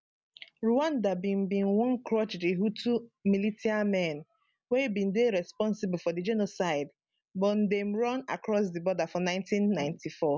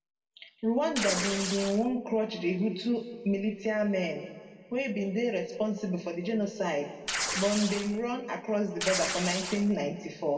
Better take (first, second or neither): first